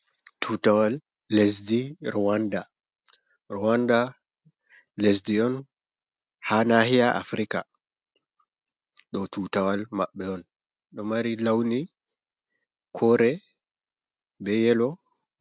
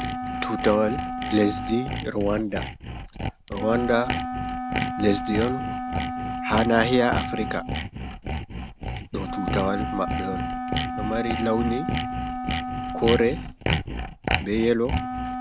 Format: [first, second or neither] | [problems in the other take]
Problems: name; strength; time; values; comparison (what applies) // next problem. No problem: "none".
first | background sound (Wind instrument, woodwind instrument + Sawing); 2 dB below the speech